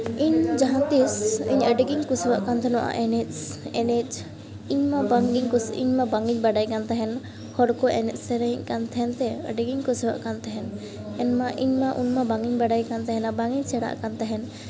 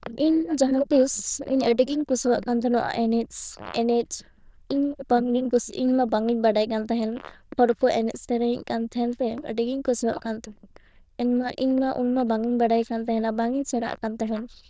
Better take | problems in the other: first | noise reduction (neural diffusion model UNIVERSE++)

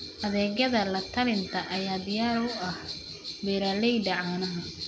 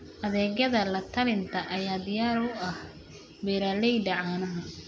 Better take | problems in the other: second | background sound (Bell); 11 dB below the speech

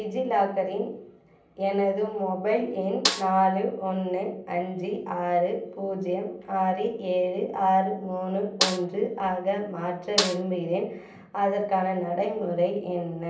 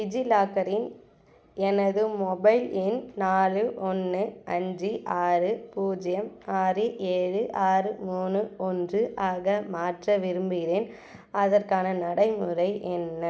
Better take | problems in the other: second | background sound (Snare drum); 5 dB below the speech // room echo; dies away in 0.6 s

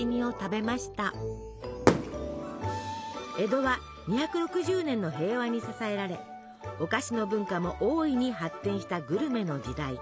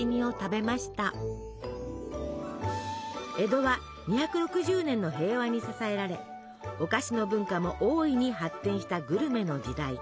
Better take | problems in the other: second | background sound (Fireworks); 4 dB below the speech

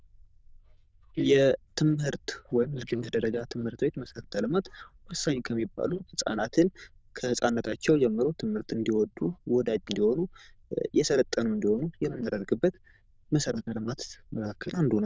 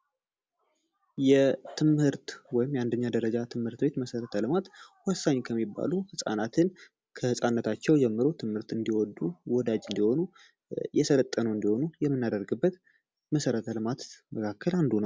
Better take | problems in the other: second | noise reduction (neural diffusion model UNIVERSE++)

